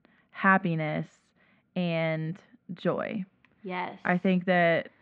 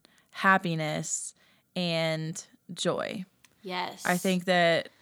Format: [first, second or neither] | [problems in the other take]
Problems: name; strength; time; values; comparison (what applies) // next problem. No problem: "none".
second | muffled; very; fading above 2.5 kHz